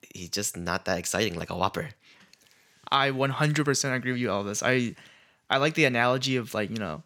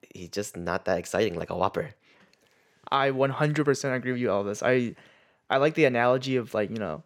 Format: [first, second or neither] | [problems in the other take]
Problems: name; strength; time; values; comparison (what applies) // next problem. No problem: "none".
first | muffled; slightly; fading above 3 kHz